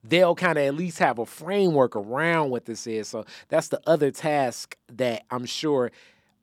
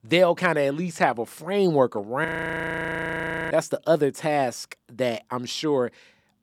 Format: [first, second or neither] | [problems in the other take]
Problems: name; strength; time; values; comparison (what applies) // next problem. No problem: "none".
first | audio freezing; at 2.5 s for 1.5 s